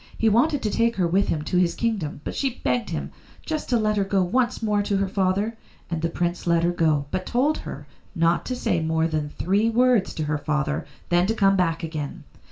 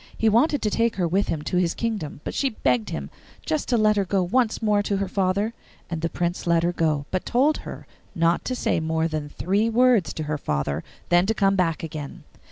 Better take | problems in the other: second | room echo; dies away in 0.3 s

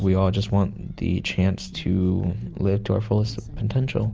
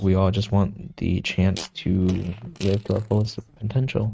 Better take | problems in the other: first | noise reduction (neural mask model RNNoise)

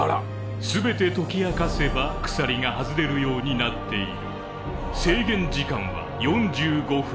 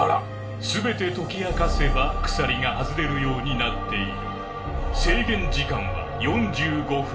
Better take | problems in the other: first | room echo; dies away in 0.2 s

